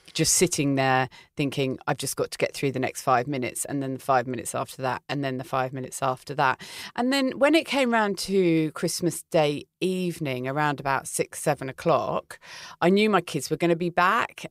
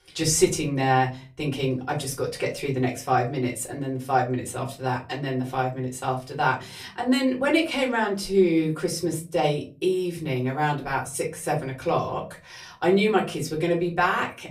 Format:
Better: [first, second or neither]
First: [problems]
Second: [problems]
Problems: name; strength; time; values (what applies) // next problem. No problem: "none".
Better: first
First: none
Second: off-mic speech; far // room echo; very slight; dies away in 0.3 s